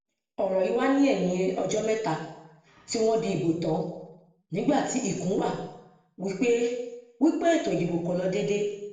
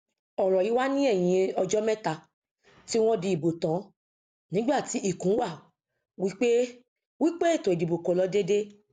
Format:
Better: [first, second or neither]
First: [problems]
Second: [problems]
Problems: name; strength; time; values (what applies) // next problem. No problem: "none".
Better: second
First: room echo; dies away in 0.8 s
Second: none